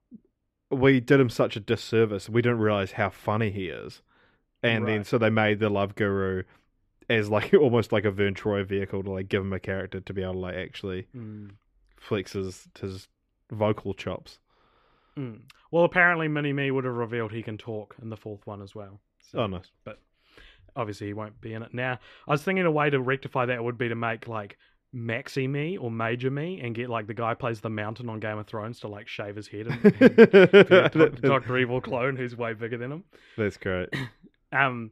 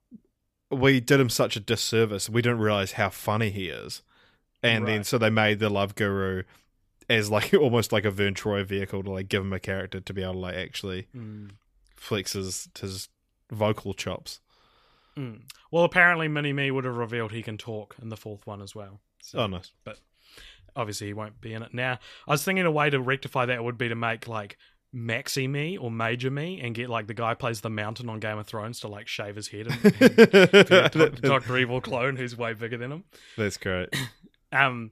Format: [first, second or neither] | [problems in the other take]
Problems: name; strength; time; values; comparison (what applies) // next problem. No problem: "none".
second | muffled; slightly; fading above 4 kHz